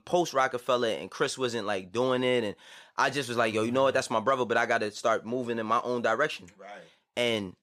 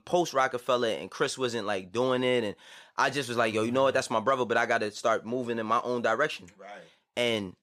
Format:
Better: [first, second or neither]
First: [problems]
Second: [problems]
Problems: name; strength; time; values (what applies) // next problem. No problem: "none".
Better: neither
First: none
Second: none